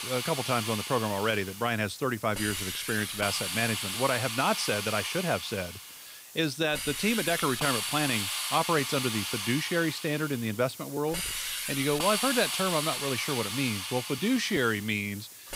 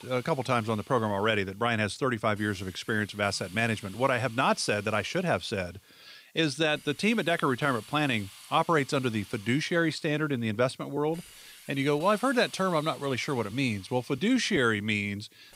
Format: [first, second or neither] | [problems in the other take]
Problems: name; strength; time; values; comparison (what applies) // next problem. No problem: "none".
second | hiss; loud; throughout; 3 dB below the speech; faint in the second